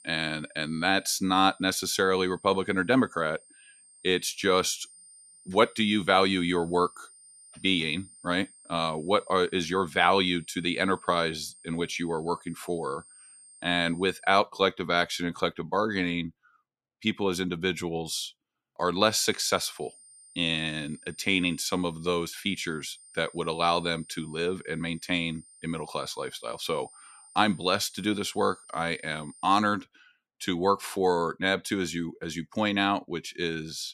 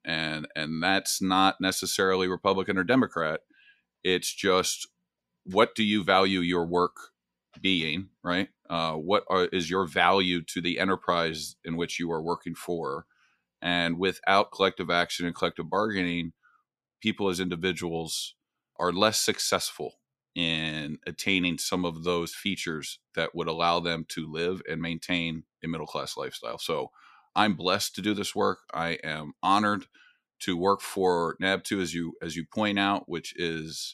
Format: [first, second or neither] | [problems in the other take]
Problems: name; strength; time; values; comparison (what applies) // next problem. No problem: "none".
second | high-pitched whine; faint; until 14 s and from 19 to 29 s; 9 kHz, 25 dB below the speech